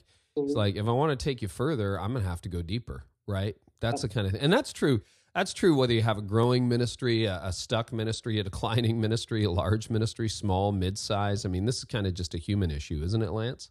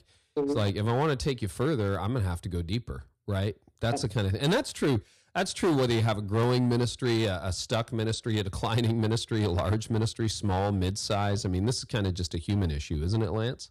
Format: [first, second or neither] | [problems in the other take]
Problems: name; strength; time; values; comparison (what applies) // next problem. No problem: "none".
first | distortion; slight; 9% of the sound clipped